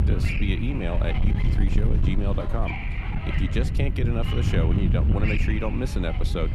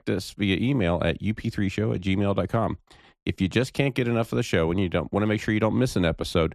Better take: second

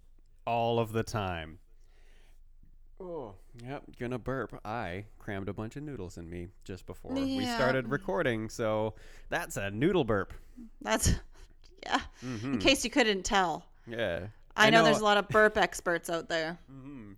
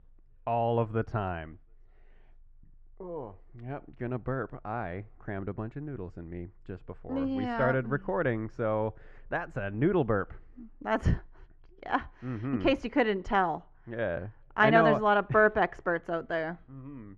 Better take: first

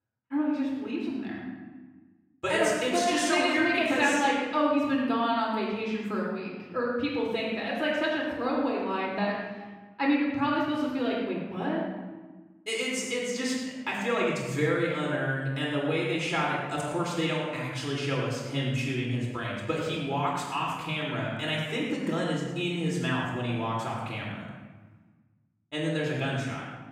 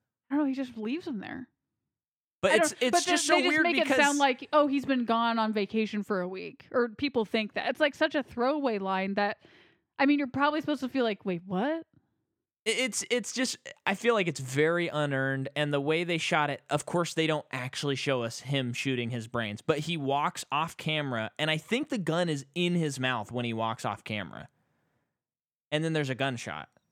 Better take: second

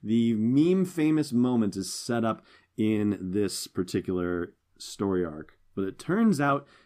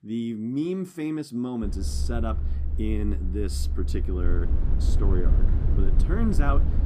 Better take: first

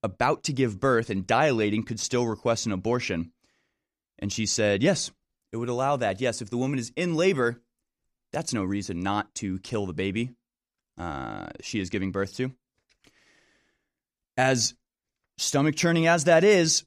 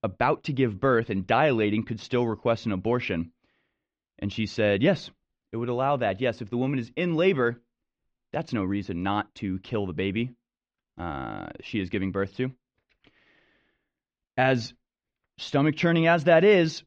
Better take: first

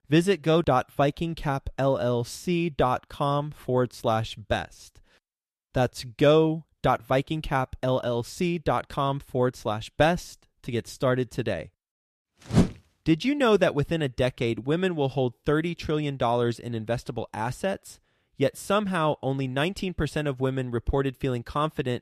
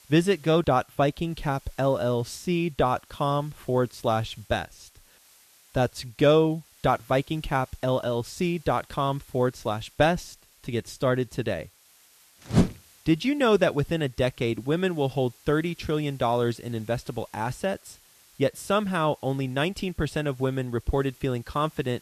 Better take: first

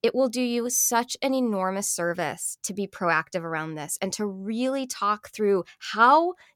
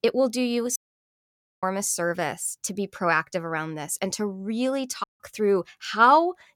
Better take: first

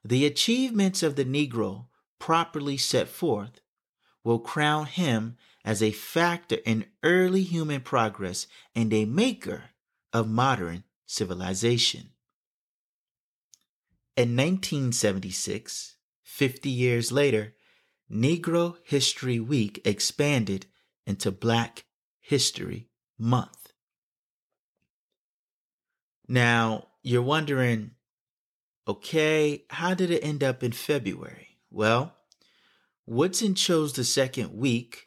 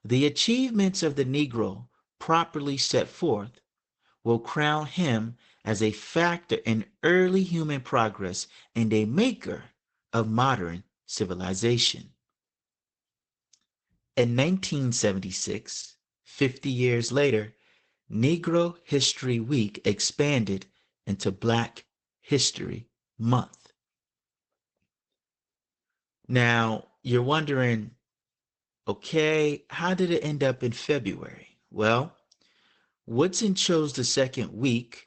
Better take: first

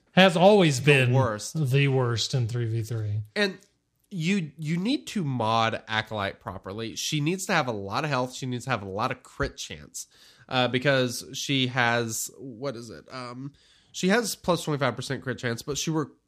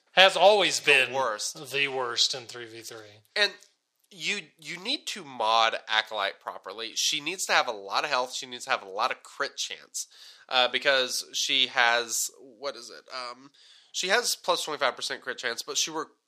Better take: first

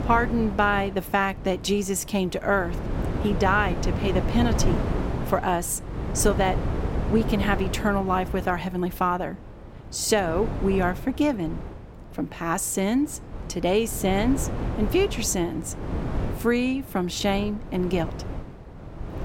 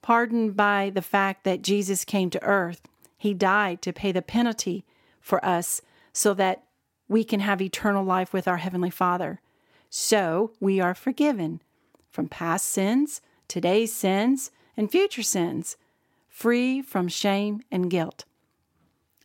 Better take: second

